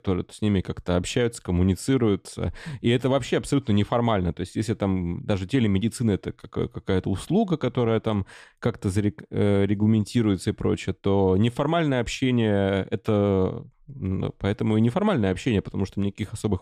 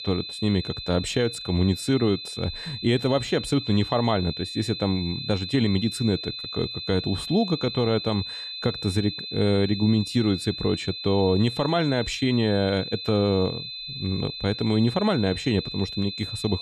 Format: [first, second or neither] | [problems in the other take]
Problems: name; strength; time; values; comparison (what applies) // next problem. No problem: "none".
first | high-pitched whine; loud; throughout; 4 kHz, 8 dB below the speech